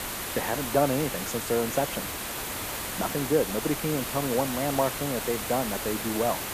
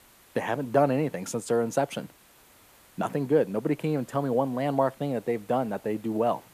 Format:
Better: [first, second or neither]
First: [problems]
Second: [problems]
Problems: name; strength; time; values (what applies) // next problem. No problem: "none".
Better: second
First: hiss; loud; throughout; 3 dB below the speech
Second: hiss; faint; throughout; 25 dB below the speech